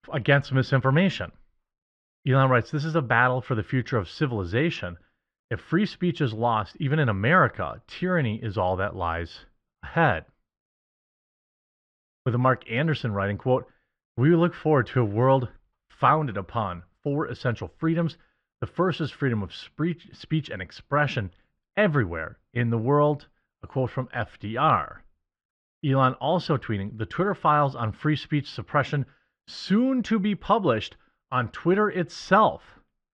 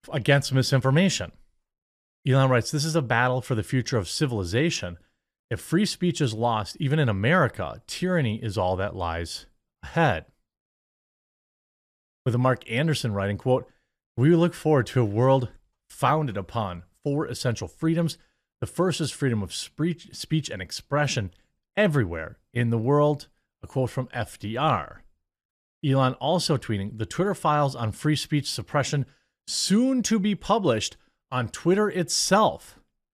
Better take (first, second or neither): second